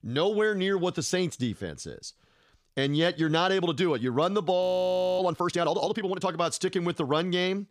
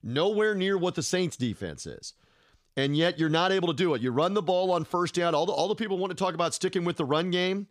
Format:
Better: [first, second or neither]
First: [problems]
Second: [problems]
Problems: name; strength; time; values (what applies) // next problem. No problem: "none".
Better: second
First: audio freezing; at 4.5 s for 0.5 s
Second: none